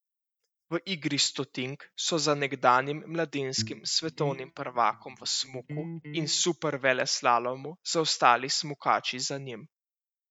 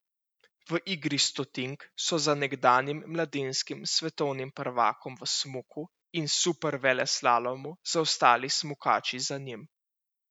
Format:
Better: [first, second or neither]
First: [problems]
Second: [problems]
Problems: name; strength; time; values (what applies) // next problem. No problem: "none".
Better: second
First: noise reduction (neural mask model DeepFilterNet 3)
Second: none